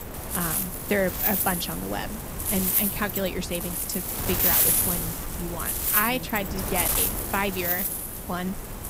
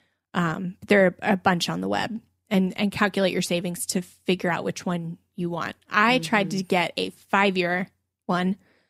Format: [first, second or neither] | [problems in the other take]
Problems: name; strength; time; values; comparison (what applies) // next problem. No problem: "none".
second | wind noise on the microphone; heavy; 1 dB below the speech